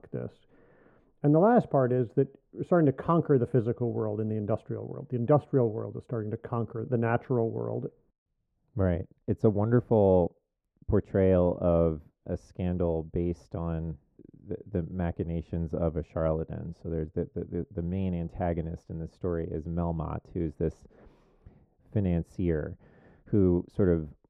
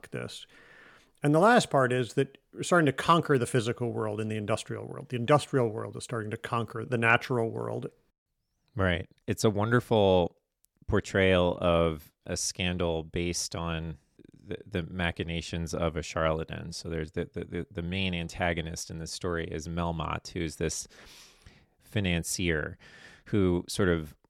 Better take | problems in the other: second | muffled; very; fading above 2 kHz

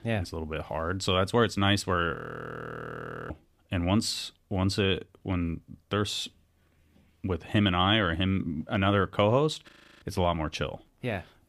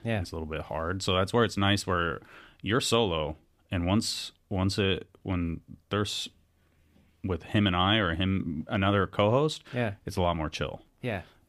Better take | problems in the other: second | audio freezing; at 2 s for 1 s and at 9.5 s

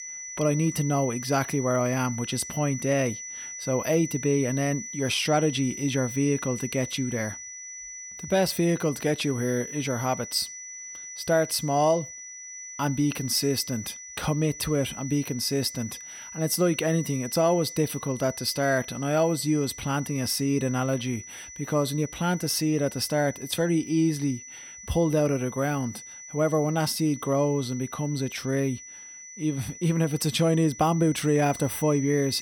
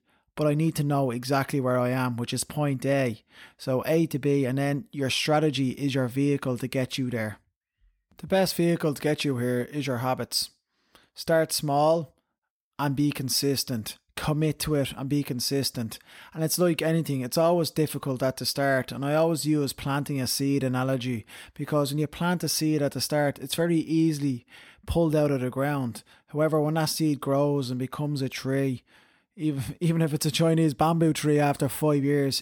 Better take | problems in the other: second | high-pitched whine; noticeable; throughout; 6 kHz, 10 dB below the speech

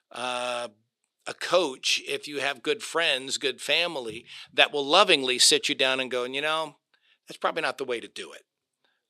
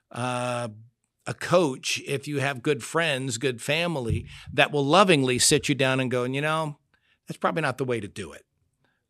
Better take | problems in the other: second | thin; somewhat; fading below 400 Hz

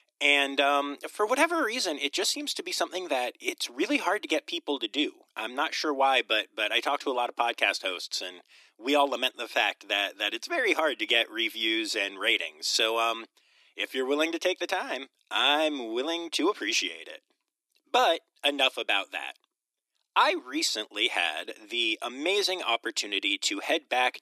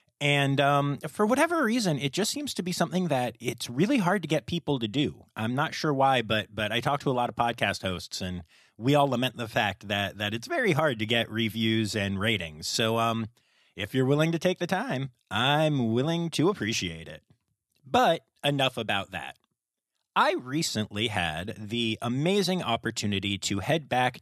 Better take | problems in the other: second | thin; somewhat; fading below 300 Hz

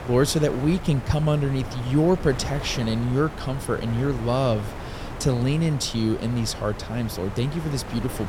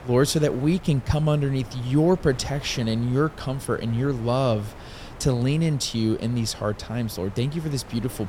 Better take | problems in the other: second | wind noise on the microphone; heavy; 9 dB below the speech; occasional gusts in the second

